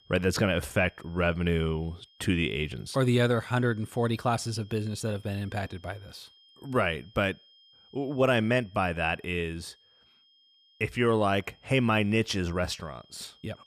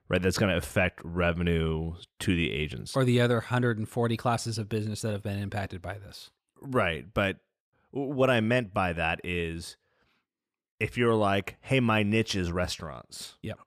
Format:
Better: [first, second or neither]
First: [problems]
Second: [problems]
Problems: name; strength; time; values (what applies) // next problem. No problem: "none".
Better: second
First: high-pitched whine; faint; throughout; 3 kHz, 30 dB below the speech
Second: none